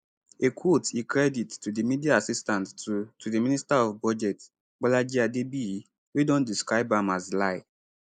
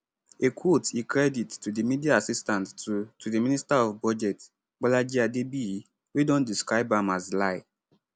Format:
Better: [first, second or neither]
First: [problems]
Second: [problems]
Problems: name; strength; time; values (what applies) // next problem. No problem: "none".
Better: second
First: noise reduction (neural mask model Resemble Enhance denoiser)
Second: none